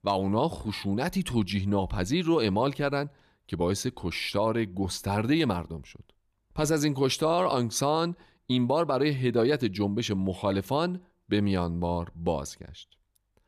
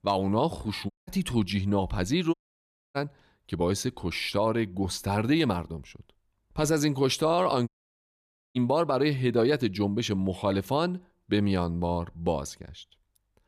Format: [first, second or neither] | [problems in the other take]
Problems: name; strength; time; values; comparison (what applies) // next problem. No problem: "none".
first | audio cutting out; at 1 s, at 2.5 s for 0.5 s and at 7.5 s for 1 s